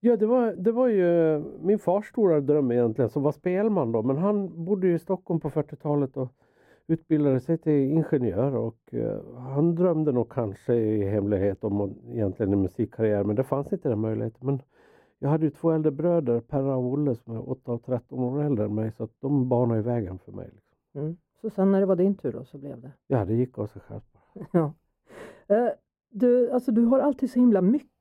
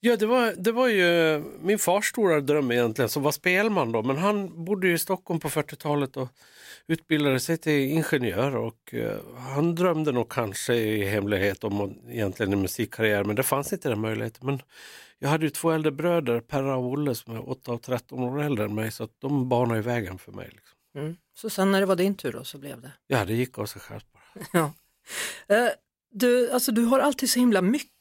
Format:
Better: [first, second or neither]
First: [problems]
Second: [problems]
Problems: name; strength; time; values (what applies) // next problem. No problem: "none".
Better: second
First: muffled; very; fading above 1.5 kHz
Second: none